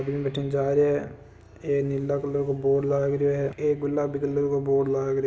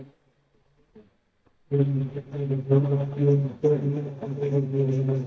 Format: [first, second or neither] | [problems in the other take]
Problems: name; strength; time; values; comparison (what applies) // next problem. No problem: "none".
first | noise reduction (neural mask model DeepFilterNet 3)